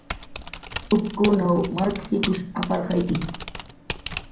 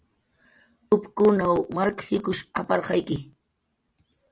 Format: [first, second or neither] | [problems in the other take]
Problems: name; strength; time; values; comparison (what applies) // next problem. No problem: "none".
second | background sound (Typing); 10 dB below the speech // room echo; dies away in 0.6 s